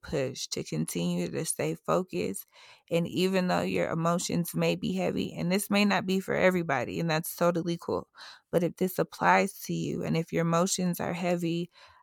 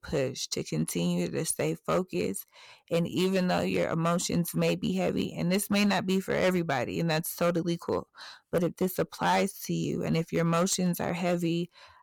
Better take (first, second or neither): first